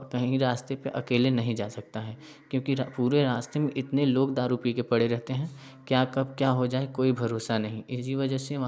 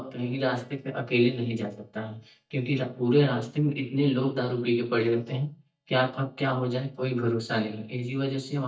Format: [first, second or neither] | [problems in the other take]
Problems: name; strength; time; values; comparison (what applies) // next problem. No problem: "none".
first | noise reduction (neural mask model DeepFilterNet 3)